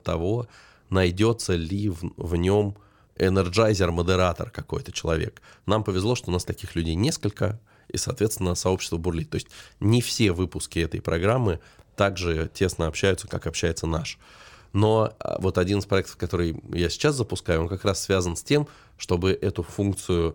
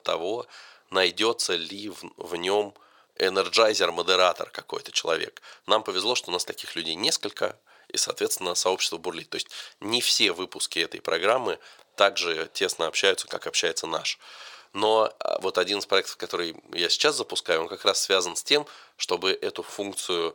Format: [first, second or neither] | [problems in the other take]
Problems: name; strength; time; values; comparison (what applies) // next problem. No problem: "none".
first | thin; very; fading below 600 Hz